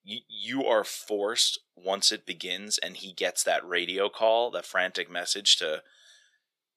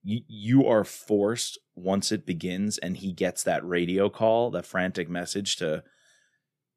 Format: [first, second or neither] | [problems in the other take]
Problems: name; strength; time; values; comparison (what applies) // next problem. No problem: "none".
second | thin; somewhat; fading below 600 Hz